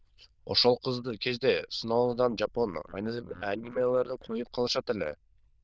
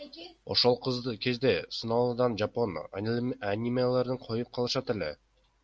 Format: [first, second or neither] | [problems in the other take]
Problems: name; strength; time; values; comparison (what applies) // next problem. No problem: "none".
second | noise reduction (neural diffusion model UNIVERSE++)